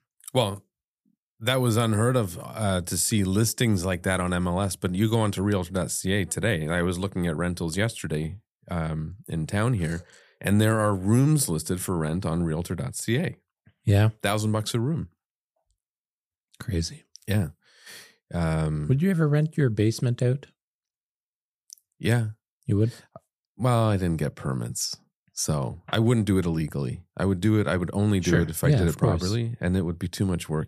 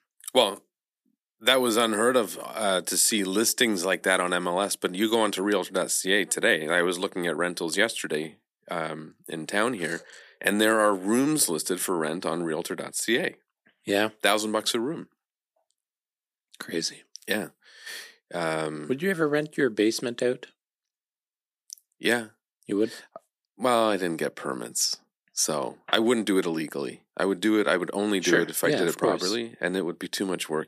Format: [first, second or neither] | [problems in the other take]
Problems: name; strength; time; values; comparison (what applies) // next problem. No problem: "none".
first | thin; somewhat; fading below 250 Hz